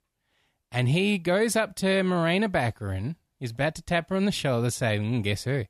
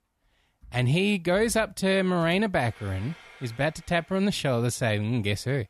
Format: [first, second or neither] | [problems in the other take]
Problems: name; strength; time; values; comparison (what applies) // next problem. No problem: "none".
first | household noises; faint; throughout; 25 dB below the speech